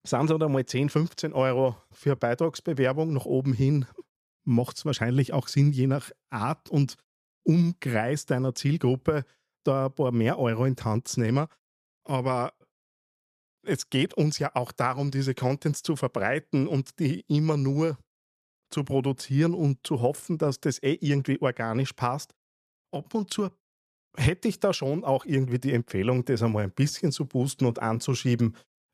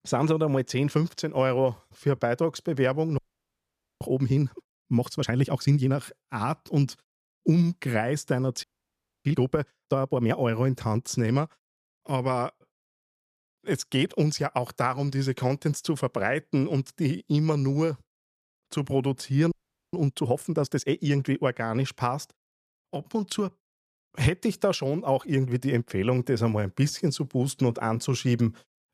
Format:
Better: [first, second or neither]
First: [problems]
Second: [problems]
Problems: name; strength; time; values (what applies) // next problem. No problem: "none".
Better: first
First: none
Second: audio freezing; at 3 s for 1 s, at 8.5 s for 0.5 s and at 20 s